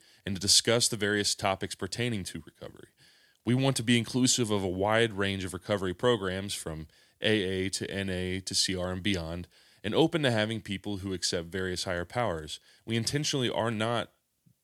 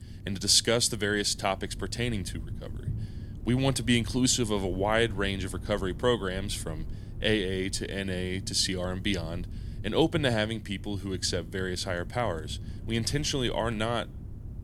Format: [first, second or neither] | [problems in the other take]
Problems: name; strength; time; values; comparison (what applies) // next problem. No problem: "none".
first | low rumble; faint; throughout; 25 dB below the speech